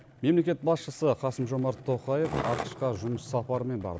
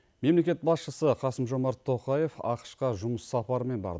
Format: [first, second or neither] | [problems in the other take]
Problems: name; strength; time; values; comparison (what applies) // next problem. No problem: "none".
second | background sound (Skateboard); 11 dB below the speech